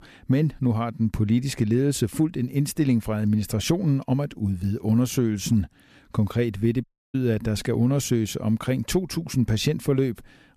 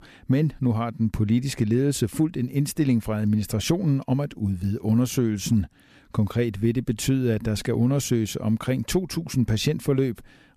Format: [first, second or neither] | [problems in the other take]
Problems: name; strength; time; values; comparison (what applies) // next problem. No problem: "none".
second | audio cutting out; at 7 s